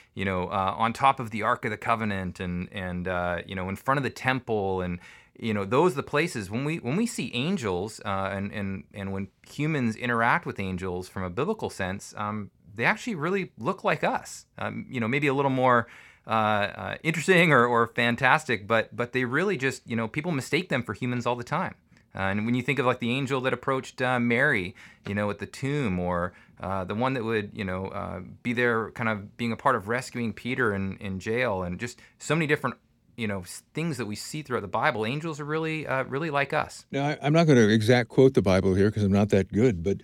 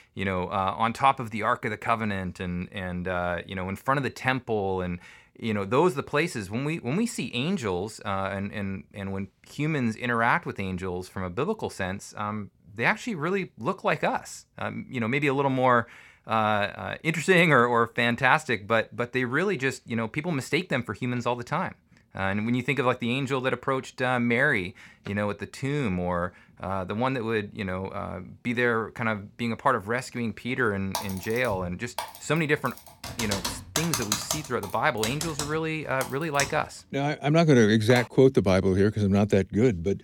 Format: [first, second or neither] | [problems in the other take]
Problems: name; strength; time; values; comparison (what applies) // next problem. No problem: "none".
first | keyboard typing; noticeable; from 31 to 38 s; peak 1 dB below the speech